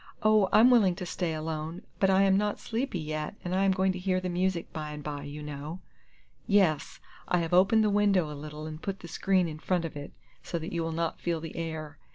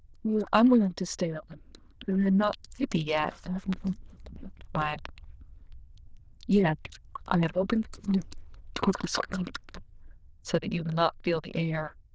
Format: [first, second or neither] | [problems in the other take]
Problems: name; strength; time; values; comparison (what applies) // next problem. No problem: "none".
first | noise reduction (neural diffusion model UNIVERSE++)